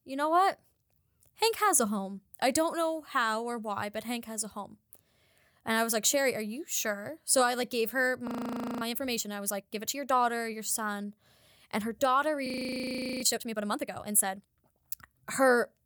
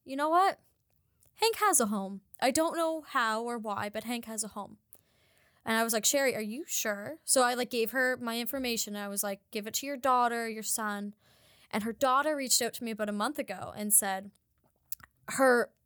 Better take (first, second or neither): second